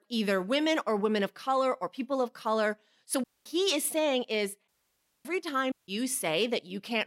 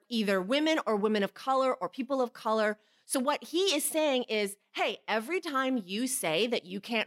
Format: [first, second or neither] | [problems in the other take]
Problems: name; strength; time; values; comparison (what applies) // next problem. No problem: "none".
second | audio cutting out; at 3 s, at 4.5 s for 0.5 s and at 5.5 s